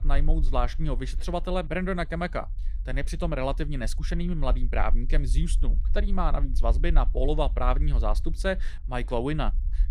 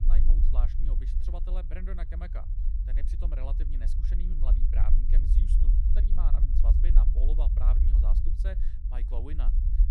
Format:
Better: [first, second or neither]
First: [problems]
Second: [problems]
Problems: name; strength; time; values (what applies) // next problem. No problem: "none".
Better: first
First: low rumble; faint; throughout; 25 dB below the speech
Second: low rumble; loud; throughout; 2 dB below the speech